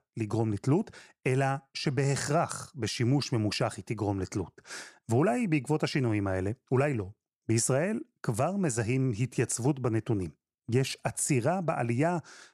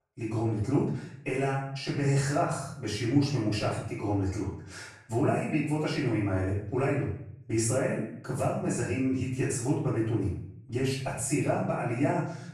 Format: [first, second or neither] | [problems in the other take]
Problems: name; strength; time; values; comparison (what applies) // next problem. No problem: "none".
first | off-mic speech; far // room echo; noticeable; dies away in 0.6 s